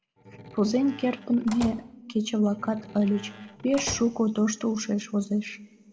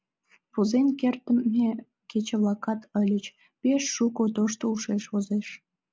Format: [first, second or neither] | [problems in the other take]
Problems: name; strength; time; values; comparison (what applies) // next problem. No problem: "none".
second | background sound (Slam); 15 dB below the speech // room echo; dies away in 1.7 s